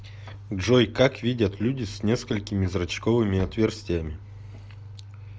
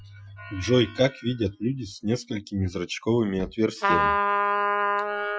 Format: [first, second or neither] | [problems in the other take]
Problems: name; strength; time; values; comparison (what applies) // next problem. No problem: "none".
first | noise reduction (classical method Wiener filter)